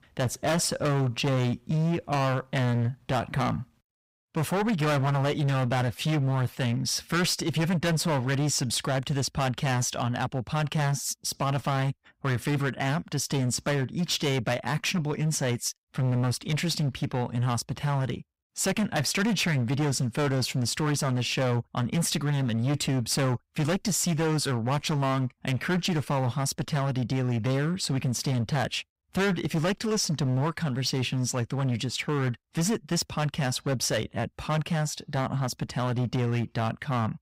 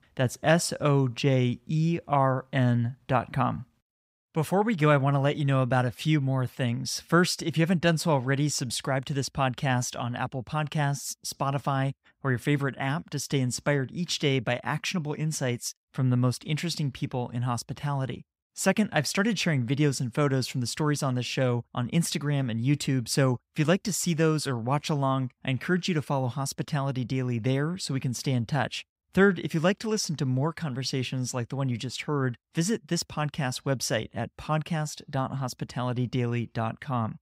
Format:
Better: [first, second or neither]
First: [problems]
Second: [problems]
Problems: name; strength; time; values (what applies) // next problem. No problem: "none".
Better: second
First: distortion; heavy; 19% of the sound clipped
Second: none